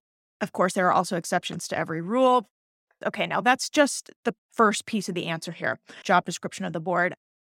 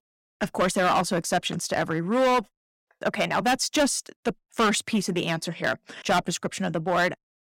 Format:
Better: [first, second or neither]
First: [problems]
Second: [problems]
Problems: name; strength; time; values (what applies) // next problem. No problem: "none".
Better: first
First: none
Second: distortion; heavy; 7% of the sound clipped